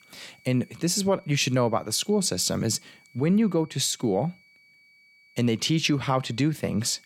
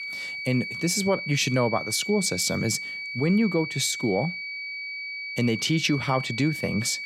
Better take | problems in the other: first | high-pitched whine; loud; throughout; 2.5 kHz, 6 dB below the speech; faint in the first

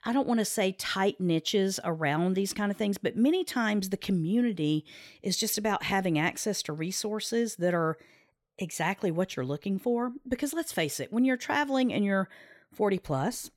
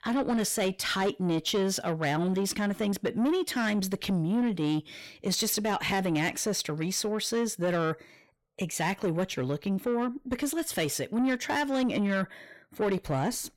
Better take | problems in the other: first | distortion; slight; 10 dB below the speech

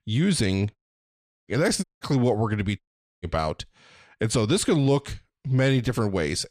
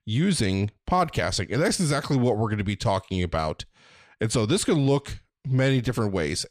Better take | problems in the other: second | audio cutting out; at 1 s for 0.5 s, at 2 s and at 3 s

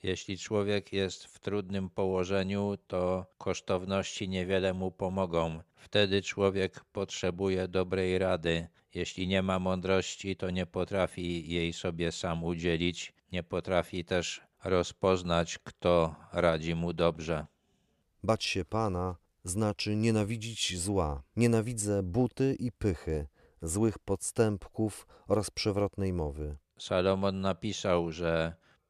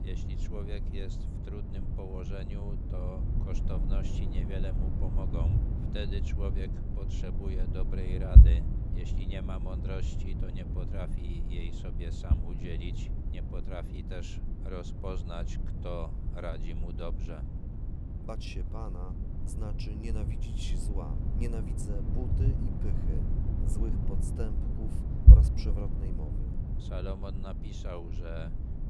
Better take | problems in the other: first | low rumble; loud; throughout; 1 dB below the speech

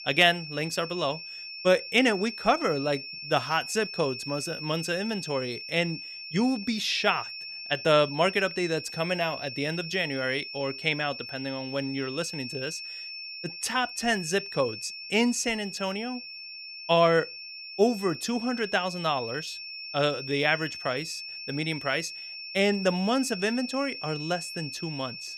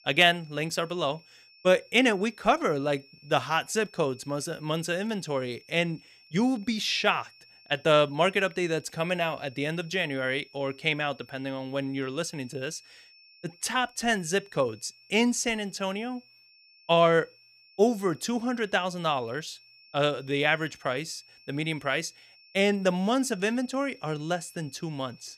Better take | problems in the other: second | high-pitched whine; loud; throughout; 5.5 kHz, 9 dB below the speech; faint in the second

